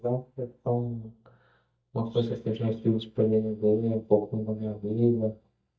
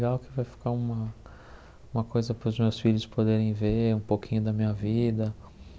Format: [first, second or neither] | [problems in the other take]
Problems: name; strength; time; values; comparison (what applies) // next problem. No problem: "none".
second | noise reduction (neural mask model DeepFilterNet 3)